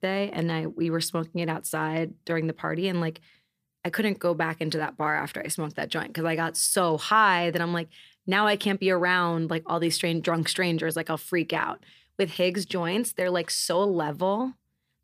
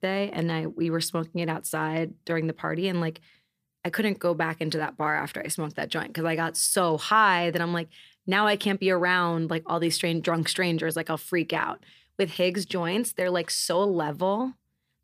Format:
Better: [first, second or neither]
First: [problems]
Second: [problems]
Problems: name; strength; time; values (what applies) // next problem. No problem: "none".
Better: neither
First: none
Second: none